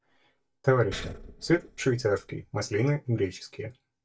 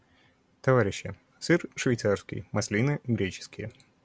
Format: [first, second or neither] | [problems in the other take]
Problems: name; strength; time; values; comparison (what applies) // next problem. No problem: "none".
second | noise reduction (neural mask model DeepFilterNet 3)